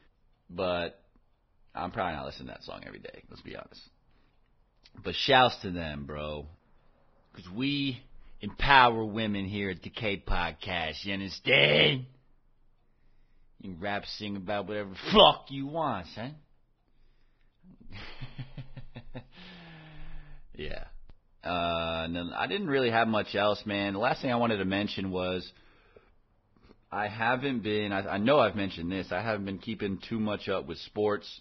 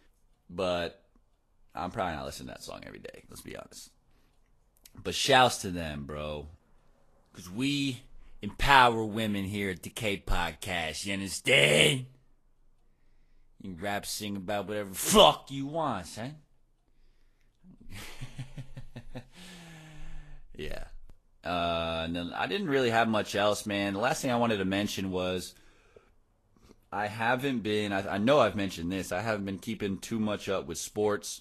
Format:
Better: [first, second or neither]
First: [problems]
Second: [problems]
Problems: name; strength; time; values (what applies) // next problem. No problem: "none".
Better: second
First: garbled, watery; badly; nothing above 5.5 kHz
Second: garbled, watery; slightly; nothing above 12.5 kHz